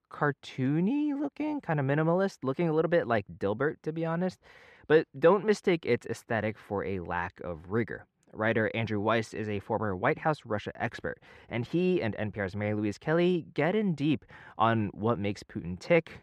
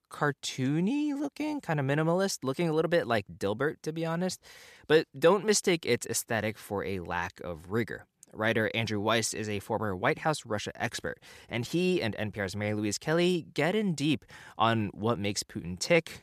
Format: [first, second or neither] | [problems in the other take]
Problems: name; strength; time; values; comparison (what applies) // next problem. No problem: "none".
second | muffled; very; fading above 4 kHz